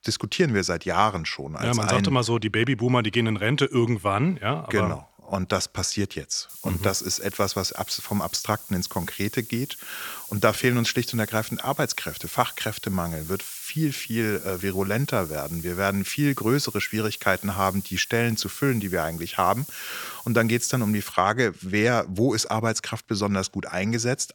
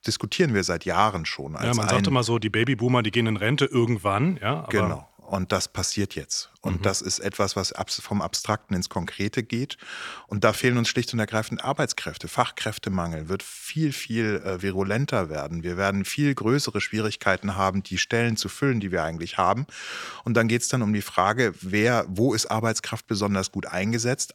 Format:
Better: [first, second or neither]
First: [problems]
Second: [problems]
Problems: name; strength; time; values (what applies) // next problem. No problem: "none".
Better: second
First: hiss; noticeable; from 6.5 to 21 s; 10 dB below the speech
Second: none